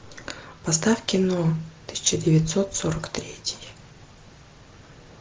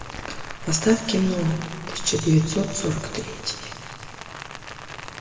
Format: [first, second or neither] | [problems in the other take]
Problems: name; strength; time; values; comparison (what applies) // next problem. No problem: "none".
first | background sound (Rain); 11 dB below the speech // room echo; dies away in 1.8 s